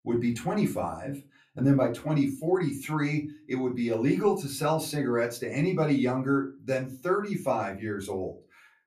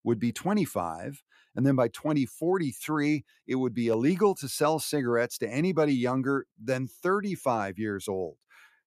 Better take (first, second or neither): second